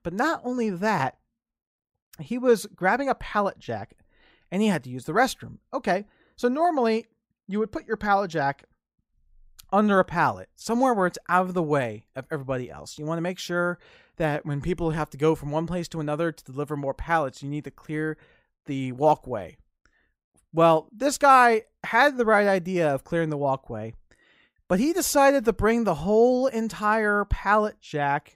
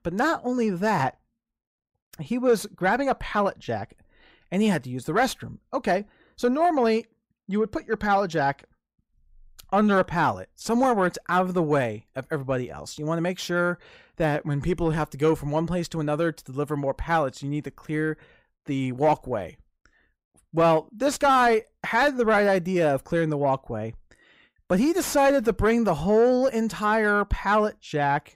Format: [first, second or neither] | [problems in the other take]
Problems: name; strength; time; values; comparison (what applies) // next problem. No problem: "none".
first | distortion; slight; 10 dB below the speech